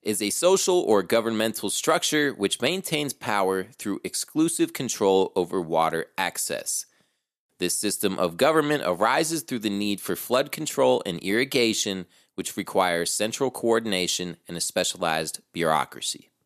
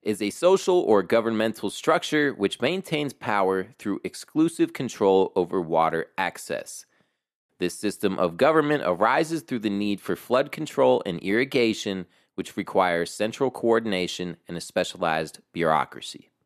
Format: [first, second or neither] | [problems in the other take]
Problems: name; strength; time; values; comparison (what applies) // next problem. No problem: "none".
first | muffled; slightly; fading above 3.5 kHz